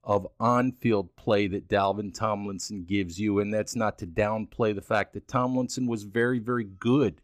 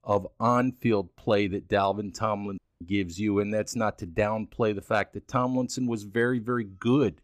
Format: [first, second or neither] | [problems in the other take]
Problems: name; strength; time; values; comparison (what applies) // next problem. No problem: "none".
first | audio cutting out; at 2.5 s